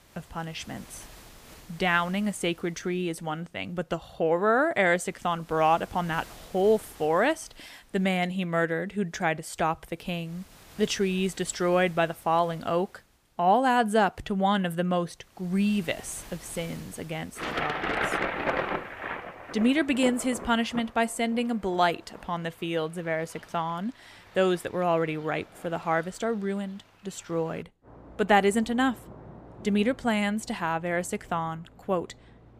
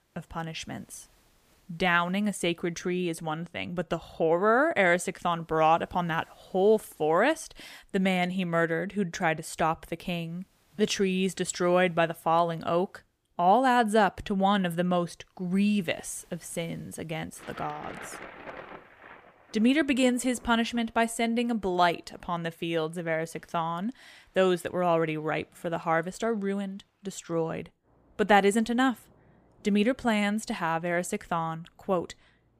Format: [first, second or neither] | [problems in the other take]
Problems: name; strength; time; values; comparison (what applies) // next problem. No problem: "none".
second | rain or running water; loud; throughout; 10 dB below the speech; faint in the second